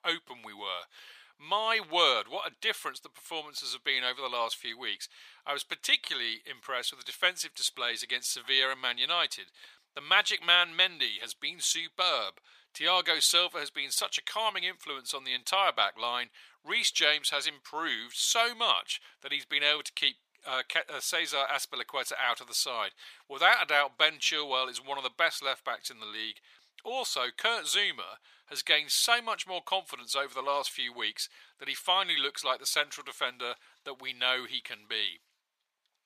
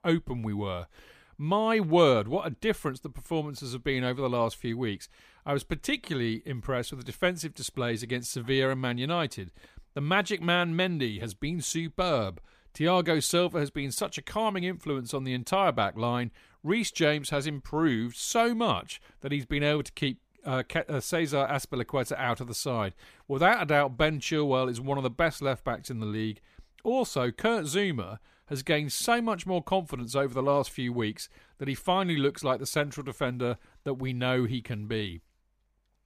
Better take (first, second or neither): second